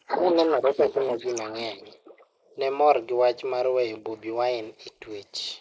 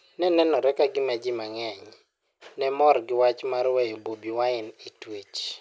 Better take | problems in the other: second | noise reduction (neural mask model Resemble Enhance denoiser)

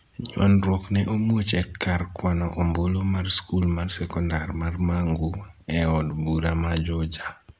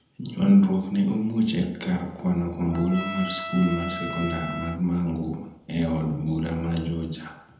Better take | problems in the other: first | background sound (Trumpet); 11 dB below the speech // room echo; dies away in 0.9 s

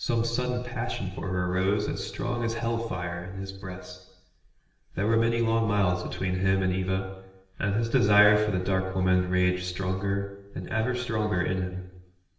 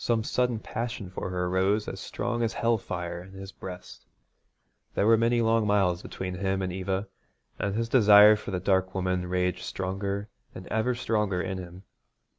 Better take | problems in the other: second | room echo; dies away in 0.8 s

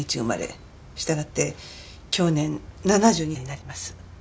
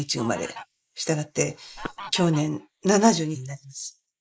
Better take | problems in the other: first | noise reduction (neural mask model Resemble Enhance denoiser)

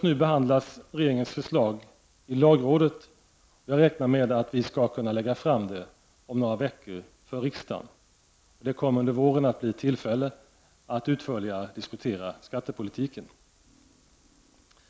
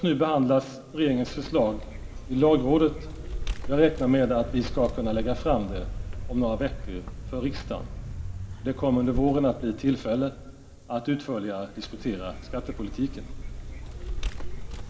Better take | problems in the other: first | background sound (Vehicle); 7 dB below the speech // room echo; dies away in 1.5 s

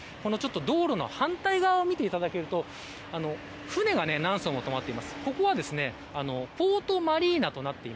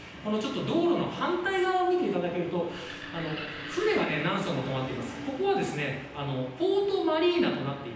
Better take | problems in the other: first | background sound (Animal); 14 dB below the speech // room echo; dies away in 0.9 s

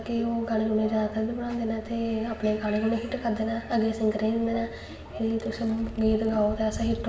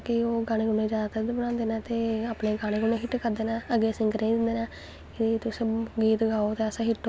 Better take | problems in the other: second | background sound (Microwave oven); 14 dB below the speech // room echo; dies away in 0.8 s

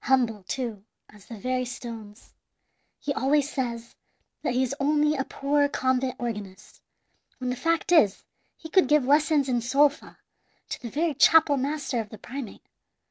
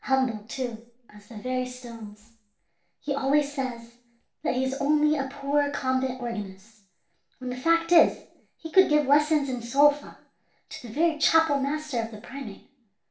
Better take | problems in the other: first | room echo; dies away in 0.5 s

